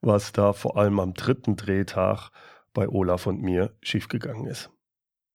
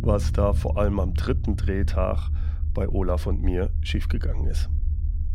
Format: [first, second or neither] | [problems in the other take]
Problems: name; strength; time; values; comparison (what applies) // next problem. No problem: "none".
first | low rumble; noticeable; throughout; 15 dB below the speech